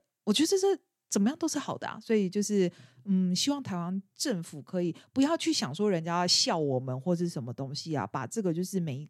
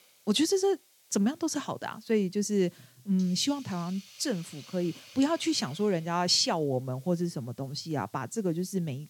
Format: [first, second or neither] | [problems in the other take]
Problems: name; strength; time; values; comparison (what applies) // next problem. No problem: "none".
first | hiss; faint; throughout; 25 dB below the speech